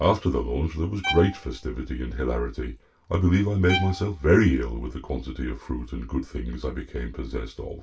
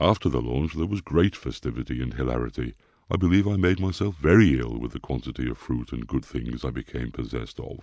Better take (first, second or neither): second